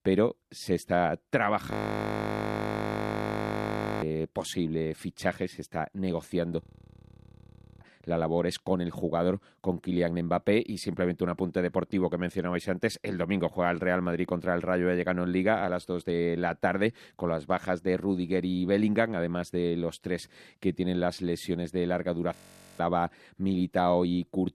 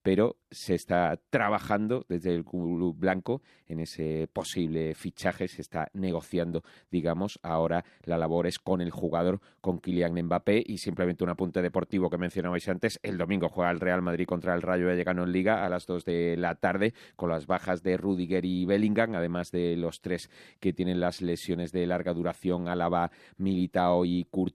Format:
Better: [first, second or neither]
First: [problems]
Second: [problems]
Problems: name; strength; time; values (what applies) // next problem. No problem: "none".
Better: second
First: audio freezing; at 1.5 s for 2.5 s, at 6.5 s for 1 s and at 22 s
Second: none